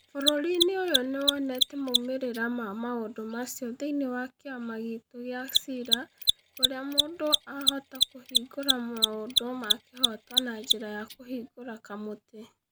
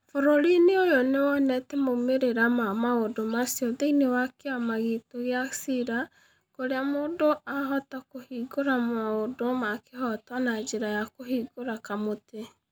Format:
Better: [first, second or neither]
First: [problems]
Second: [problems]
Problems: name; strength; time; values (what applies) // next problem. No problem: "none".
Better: second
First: background sound (Mechanisms); 2 dB above the speech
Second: none